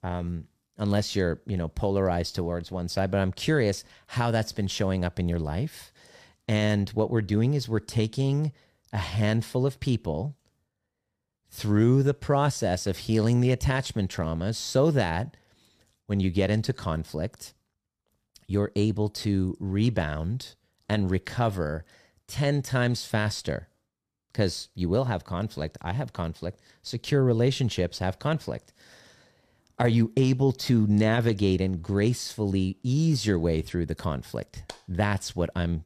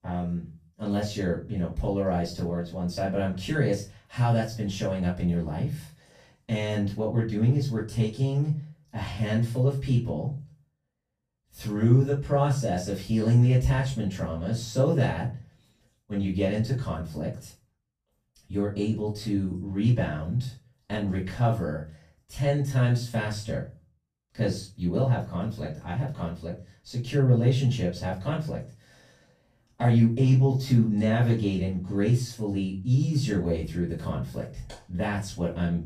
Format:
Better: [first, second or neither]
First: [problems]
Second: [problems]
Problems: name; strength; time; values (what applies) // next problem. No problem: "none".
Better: first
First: none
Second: off-mic speech; far // room echo; slight; dies away in 0.3 s